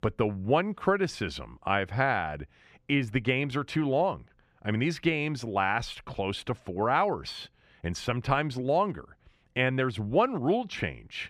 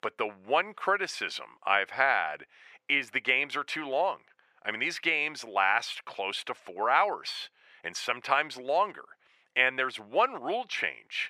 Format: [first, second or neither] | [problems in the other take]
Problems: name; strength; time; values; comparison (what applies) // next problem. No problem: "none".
first | thin; very; fading below 650 Hz